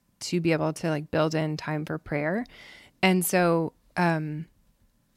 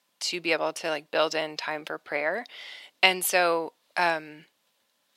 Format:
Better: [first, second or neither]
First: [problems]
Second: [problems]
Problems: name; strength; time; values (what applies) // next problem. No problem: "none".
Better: first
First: none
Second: thin; very; fading below 600 Hz